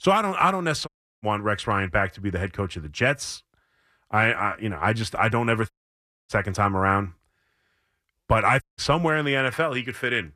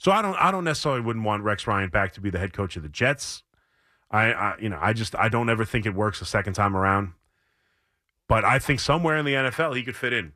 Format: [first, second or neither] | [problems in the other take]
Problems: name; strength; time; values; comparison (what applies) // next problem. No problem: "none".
second | audio cutting out; at 1 s, at 5.5 s for 0.5 s and at 8.5 s